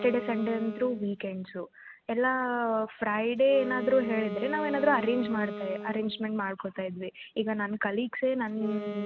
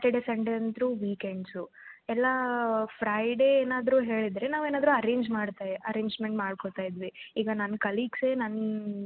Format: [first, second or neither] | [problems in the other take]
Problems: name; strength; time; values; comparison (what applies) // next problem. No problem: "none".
second | background sound (Wind instrument, woodwind instrument); 11 dB below the speech